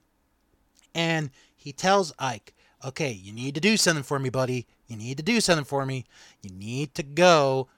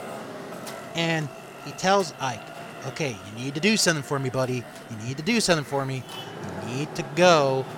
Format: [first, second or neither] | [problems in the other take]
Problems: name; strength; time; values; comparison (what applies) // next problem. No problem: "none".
first | traffic noise; noticeable; throughout; 15 dB below the speech